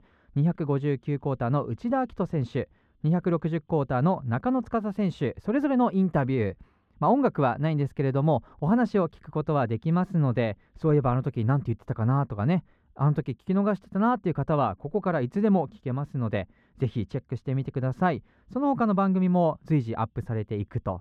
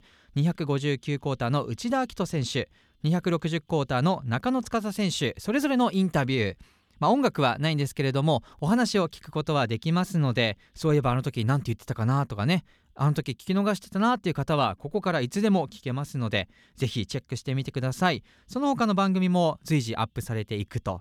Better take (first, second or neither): second